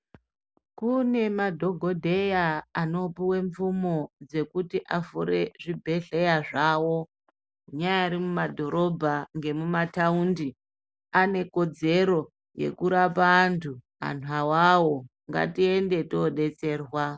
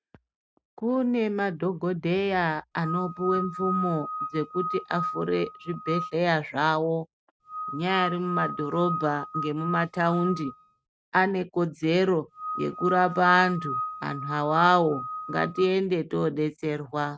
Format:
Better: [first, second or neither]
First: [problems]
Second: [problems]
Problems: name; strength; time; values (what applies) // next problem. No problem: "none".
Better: first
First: none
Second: noise reduction (neural mask model RNNoise)